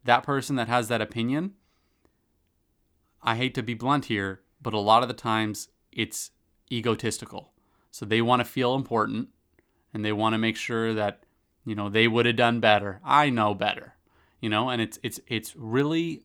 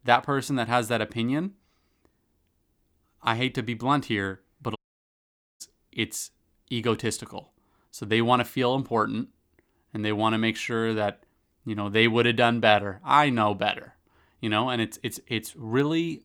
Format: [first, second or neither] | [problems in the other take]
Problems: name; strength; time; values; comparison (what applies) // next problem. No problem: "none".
first | audio cutting out; at 5 s for 1 s